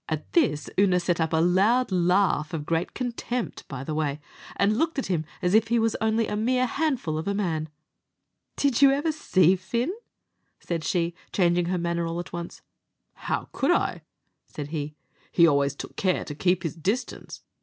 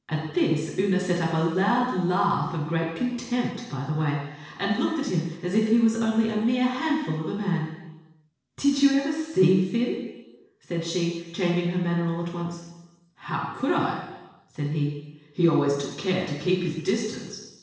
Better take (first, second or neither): first